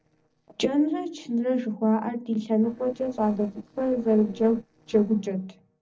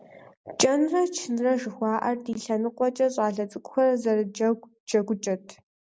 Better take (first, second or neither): second